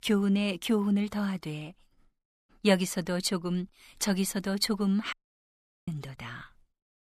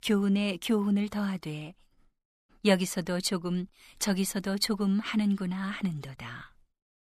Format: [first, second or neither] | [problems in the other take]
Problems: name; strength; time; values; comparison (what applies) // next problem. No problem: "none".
second | audio cutting out; at 5 s for 0.5 s